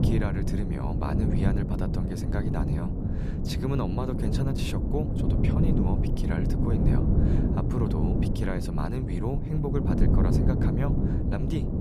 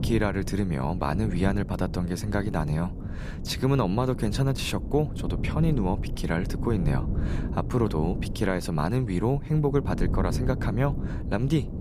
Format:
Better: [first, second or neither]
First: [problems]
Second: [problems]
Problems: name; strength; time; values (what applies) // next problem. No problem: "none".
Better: second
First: wind noise on the microphone; heavy; 1 dB above the speech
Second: wind noise on the microphone; occasional gusts; 10 dB below the speech